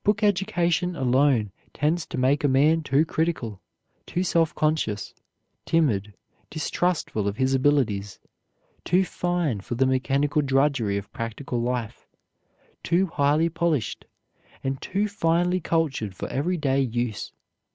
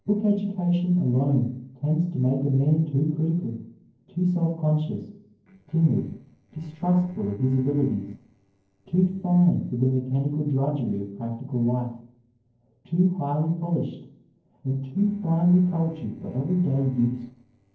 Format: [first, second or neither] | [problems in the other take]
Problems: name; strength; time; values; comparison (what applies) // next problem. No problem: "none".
first | noise reduction (neural separator model SepFormer DNS4)